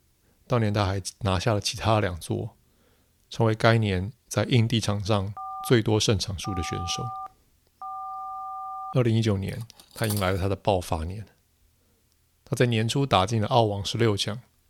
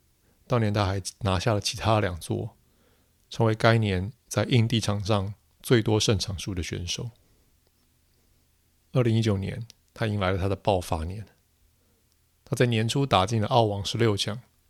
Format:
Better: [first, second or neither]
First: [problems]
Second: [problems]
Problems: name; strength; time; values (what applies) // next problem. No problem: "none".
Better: second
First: phone ringing; noticeable; from 5.5 to 9 s; peak 10 dB below the speech // clattering dishes; noticeable; at 9.5 s; peak 9 dB below the speech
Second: none